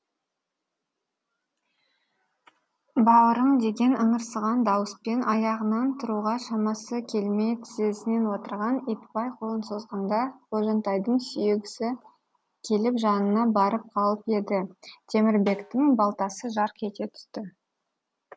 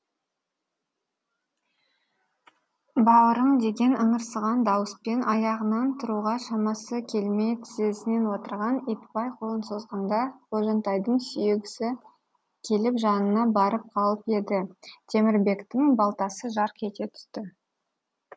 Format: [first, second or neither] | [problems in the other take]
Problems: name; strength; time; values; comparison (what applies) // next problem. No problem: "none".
second | background sound (Snare drum); 17 dB below the speech